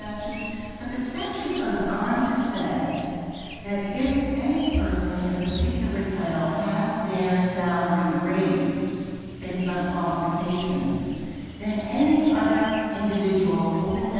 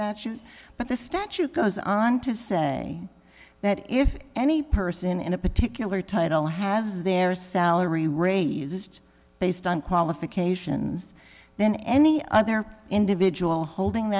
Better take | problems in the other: second | background sound (Chirp, tweet); 16 dB below the speech // room echo; dies away in 2.1 s

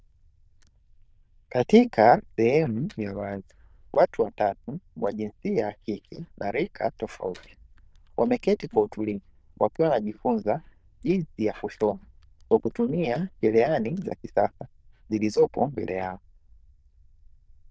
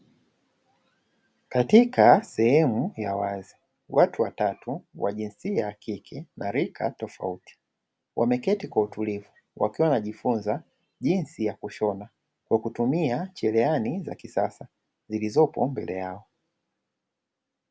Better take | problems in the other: second | noise reduction (neural diffusion model UNIVERSE++)

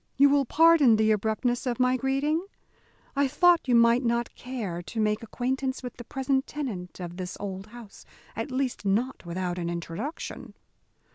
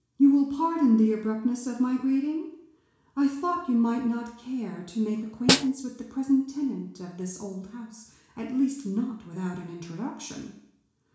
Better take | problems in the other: first | background sound (Snare drum); as loud as the speech // room echo; dies away in 0.7 s

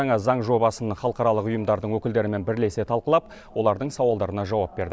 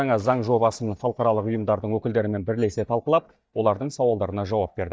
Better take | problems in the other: first | noise reduction (neural mask model DeepFilterNet 3)

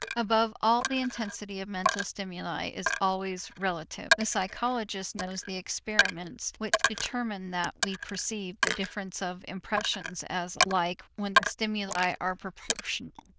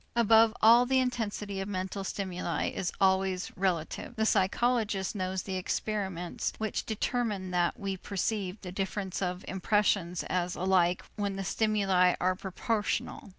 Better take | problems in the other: second | noise reduction (neural diffusion model UNIVERSE++)

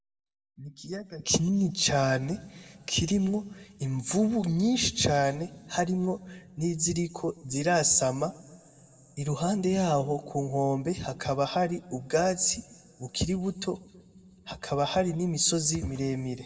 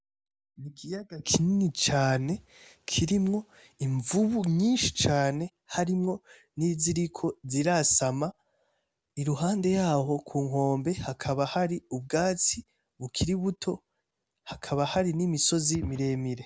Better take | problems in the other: second | room echo; dies away in 0.8 s

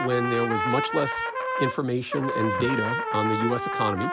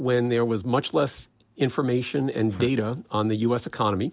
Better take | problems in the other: second | background sound (Trumpet); 1 dB below the speech

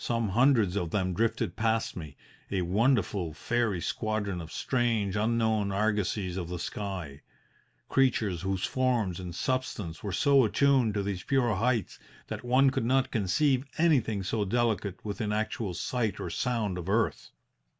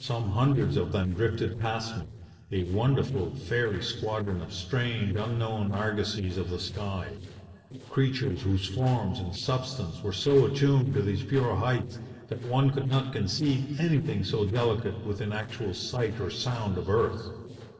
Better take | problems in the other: first | noise reduction (neural separator model SepFormer DNS4)

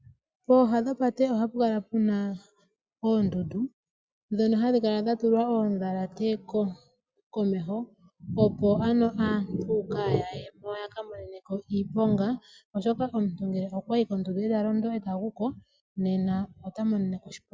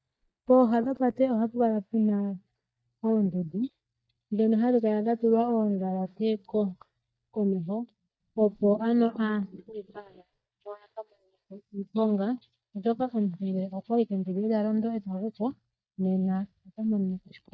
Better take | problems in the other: first | noise reduction (neural mask model DeepFilterNet 3)

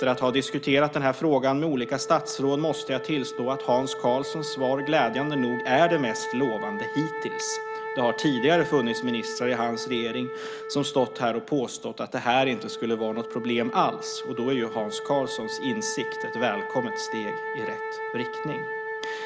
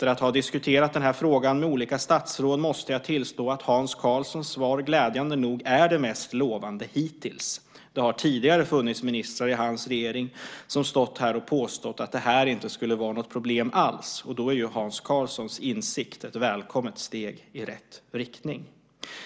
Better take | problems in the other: second | background sound (Wind instrument, woodwind instrument); 8 dB below the speech

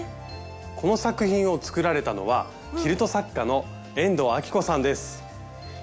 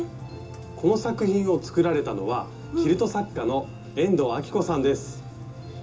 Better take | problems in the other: first | background sound (Engine); 16 dB below the speech // room echo; dies away in 0.2 s

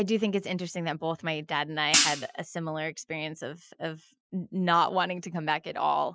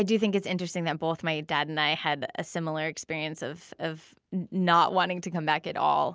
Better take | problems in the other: second | noise reduction (classical method Wiener filter)

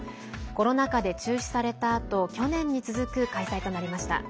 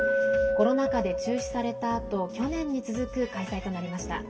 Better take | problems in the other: first | background sound (Glass); 1 dB below the speech // room echo; dies away in 1.3 s

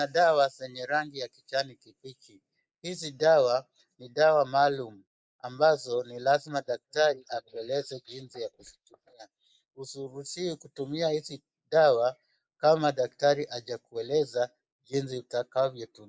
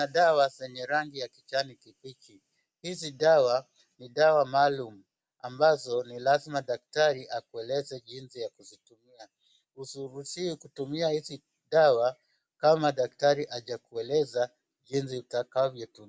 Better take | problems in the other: second | noise reduction (neural mask model Resemble Enhance denoiser)

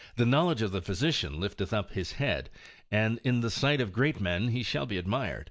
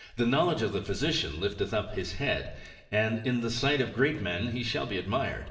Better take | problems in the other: first | room echo; dies away in 0.8 s

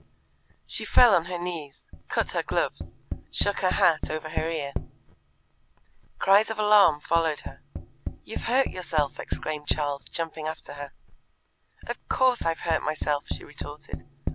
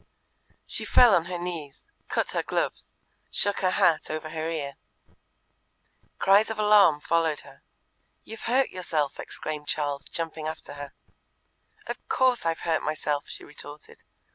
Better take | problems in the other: second | background sound (Tap); 9 dB below the speech

